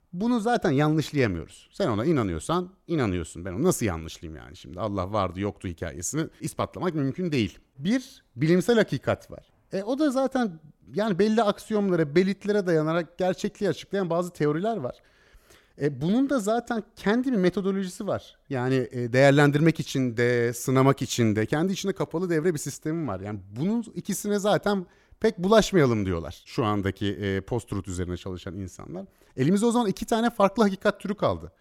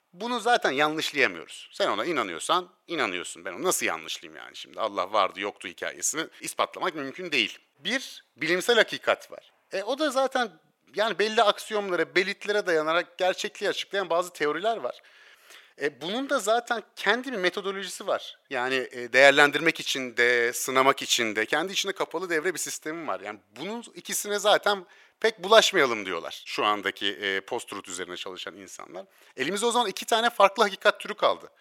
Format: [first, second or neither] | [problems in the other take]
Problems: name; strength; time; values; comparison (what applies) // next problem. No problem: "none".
first | thin; very; fading below 600 Hz